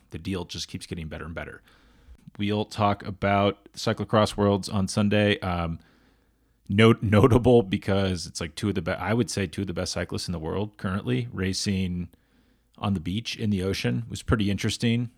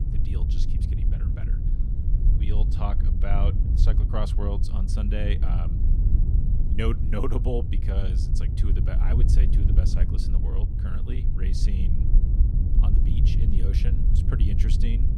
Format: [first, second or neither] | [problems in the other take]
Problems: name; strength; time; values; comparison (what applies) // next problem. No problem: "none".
first | low rumble; loud; throughout; 3 dB below the speech